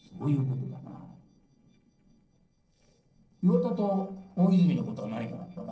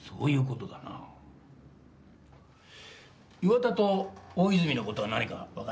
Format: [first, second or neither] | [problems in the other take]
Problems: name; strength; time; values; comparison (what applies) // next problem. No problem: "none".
second | noise reduction (neural separator model SepFormer DNS4)